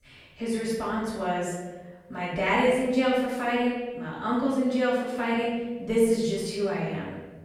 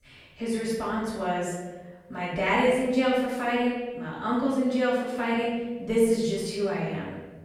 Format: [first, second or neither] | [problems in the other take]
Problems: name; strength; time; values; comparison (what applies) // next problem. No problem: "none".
neither | room echo; noticeable; dies away in 1.3 s; the same in both // off-mic speech; far; the same in both